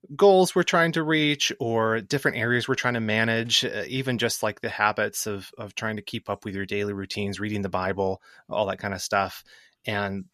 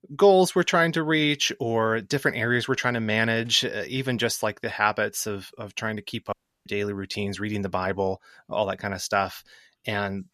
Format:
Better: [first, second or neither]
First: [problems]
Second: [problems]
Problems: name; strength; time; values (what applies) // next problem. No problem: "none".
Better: first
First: none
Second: audio cutting out; at 6.5 s